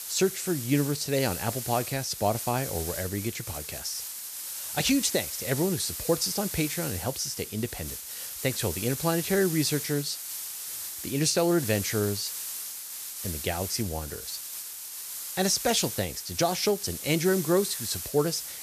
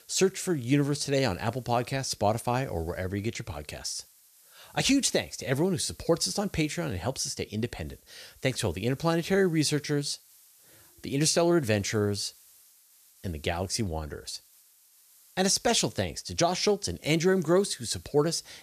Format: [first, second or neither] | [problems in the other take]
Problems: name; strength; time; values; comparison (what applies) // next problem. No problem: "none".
second | hiss; loud; throughout; 6 dB below the speech; faint in the second